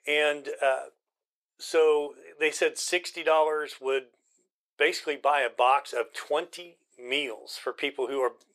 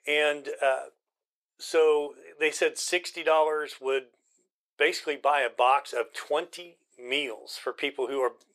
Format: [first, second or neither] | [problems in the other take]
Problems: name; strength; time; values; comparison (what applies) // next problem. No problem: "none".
neither | thin; very; fading below 450 Hz; the same in both